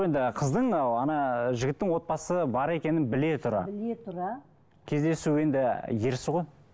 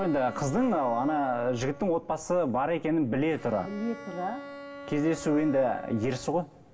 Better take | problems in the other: first | background sound (Bowed string instrument); 16 dB below the speech // room echo; dies away in 0.2 s

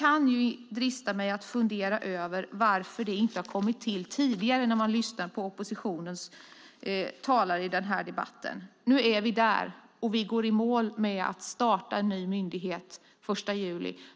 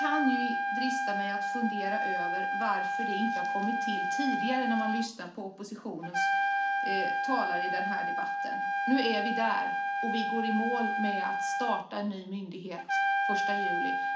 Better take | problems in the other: first | background sound (Trumpet); 3 dB above the speech // room echo; dies away in 0.4 s

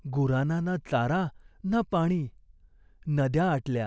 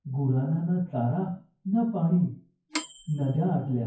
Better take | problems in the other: first | noise reduction (classical method WPE with log-MMSE)

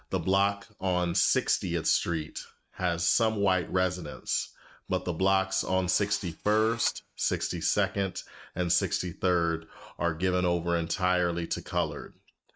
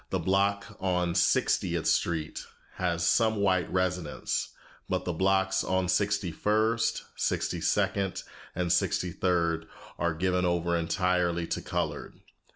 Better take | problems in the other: second | noise reduction (neural mask model RNNoise)

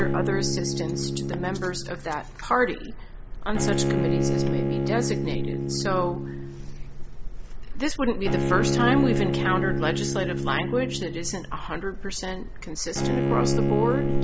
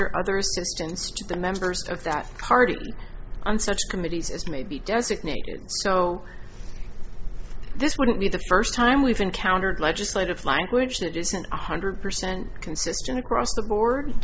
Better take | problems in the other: second | background sound (Bowed string instrument); as loud as the speech

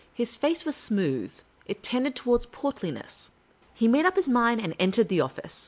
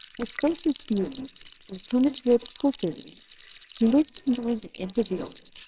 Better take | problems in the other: first | noise reduction (neural separator model SepFormer WHAMR!)

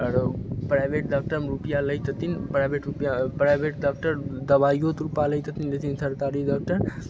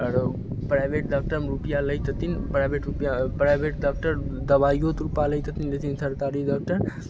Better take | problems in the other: first | background sound (Wind); 9 dB below the speech

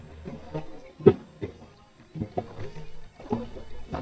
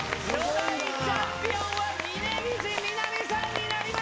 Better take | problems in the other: second | noise reduction (neural mask model DeepFilterNet 3)

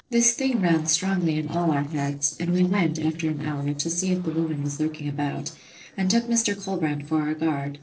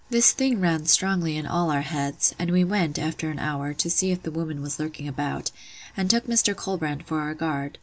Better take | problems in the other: second | noise reduction (neural separator model SepFormer DNS4)

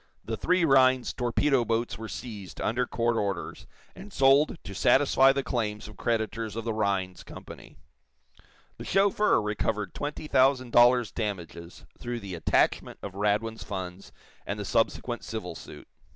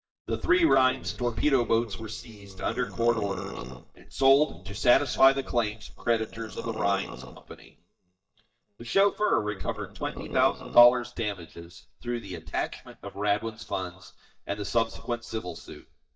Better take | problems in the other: first | noise reduction (neural mask model DeepFilterNet 3)

